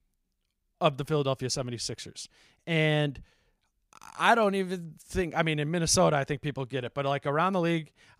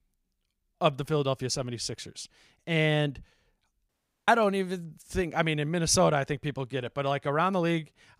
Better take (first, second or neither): first